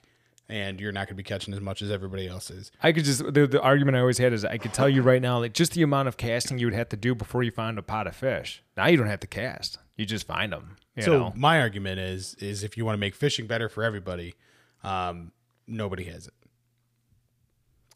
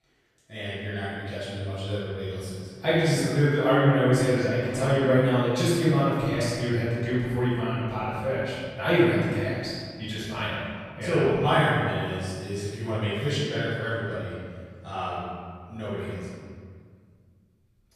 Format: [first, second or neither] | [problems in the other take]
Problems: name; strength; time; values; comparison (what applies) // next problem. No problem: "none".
first | off-mic speech; far // room echo; strong; dies away in 1.8 s